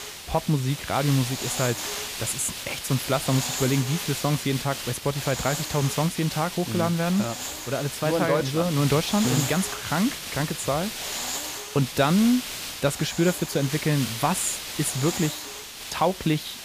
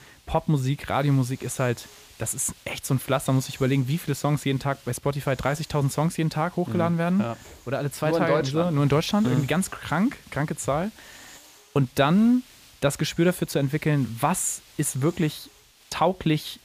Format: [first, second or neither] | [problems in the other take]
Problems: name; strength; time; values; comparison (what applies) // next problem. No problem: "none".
second | hiss; loud; throughout; 6 dB below the speech; faint in the second